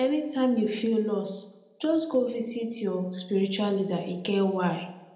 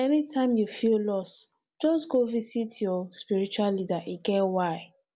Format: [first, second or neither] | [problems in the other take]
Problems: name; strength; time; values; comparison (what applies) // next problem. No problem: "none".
second | room echo; dies away in 0.8 s